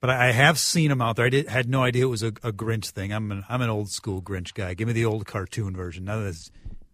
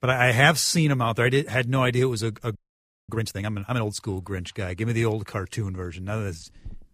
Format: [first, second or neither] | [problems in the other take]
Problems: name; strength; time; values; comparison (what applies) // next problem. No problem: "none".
first | audio freezing; at 2.5 s for 0.5 s